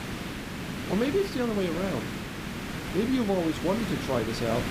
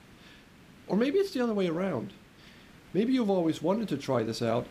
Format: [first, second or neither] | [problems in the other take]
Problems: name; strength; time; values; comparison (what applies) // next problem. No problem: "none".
second | hiss; loud; throughout; 5 dB below the speech; faint in the second